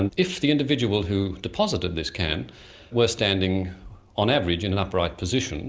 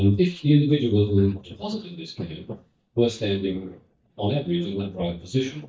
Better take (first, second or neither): first